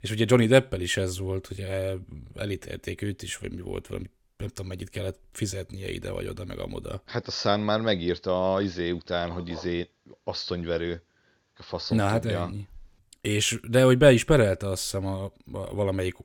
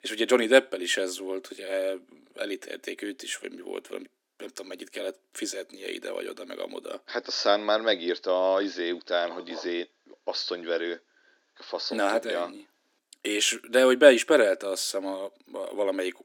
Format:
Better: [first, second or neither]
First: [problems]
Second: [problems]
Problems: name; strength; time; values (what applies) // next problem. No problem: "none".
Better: first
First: none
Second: thin; somewhat; fading below 300 Hz